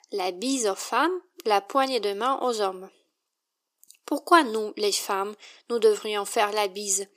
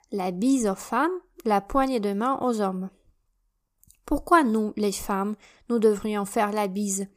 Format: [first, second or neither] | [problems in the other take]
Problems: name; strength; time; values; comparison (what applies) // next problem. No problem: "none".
second | thin; somewhat; fading below 350 Hz